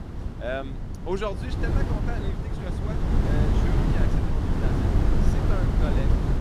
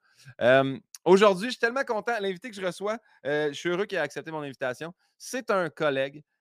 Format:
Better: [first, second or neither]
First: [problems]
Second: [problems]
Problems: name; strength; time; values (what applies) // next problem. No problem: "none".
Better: second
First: wind noise on the microphone; heavy; 2 dB above the speech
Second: none